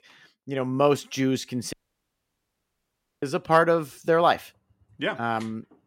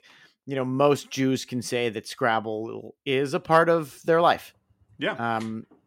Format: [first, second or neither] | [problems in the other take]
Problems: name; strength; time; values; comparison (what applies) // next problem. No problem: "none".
second | audio cutting out; at 1.5 s for 1.5 s